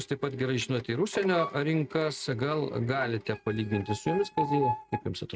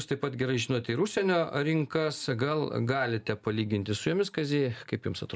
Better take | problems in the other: second | noise reduction (neural mask model RNNoise)

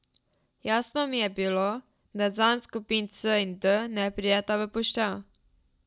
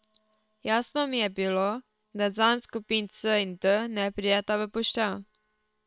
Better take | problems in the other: first | noise reduction (neural separator model SepFormer WHAM!)

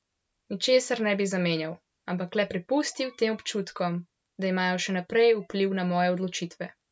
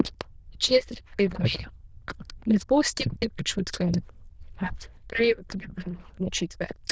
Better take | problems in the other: first | noise reduction (neural diffusion model UNIVERSE++)

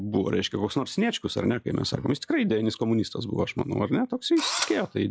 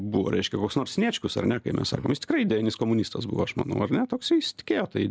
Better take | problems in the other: second | noise reduction (classical method log-MMSE)

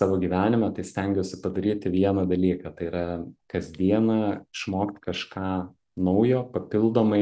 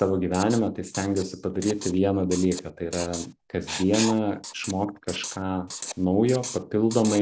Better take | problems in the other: first | background sound (Writing); 12 dB below the speech

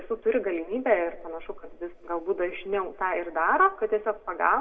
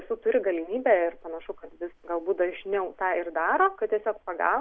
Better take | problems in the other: second | room echo; dies away in 0.7 s

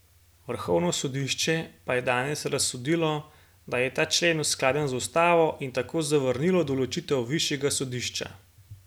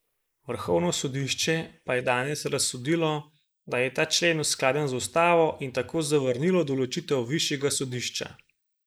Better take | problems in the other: first | noise reduction (neural mask model Resemble Enhance denoiser)

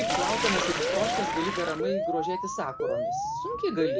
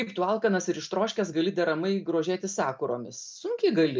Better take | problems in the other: second | background sound (Sink (filling or washing) + Alarm); 3 dB above the speech

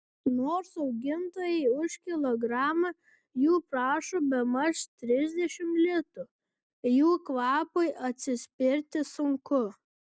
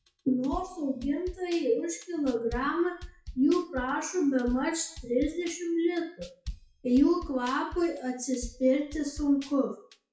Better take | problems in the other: first | noise reduction (classical method WPE with log-MMSE)

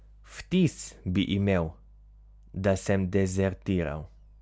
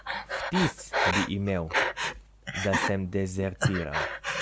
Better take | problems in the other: first | background sound (Breathing); 1 dB above the speech

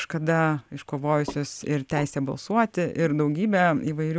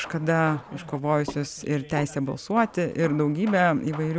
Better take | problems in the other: first | background sound (Hammer / Wood); 19 dB below the speech

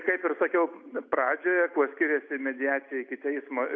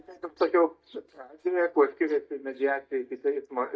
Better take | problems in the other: first | noise reduction (neural mask model DeepFilterNet 3)

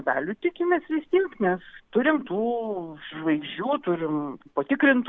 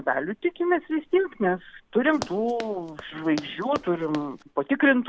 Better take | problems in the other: first | background sound (Run); 15 dB below the speech

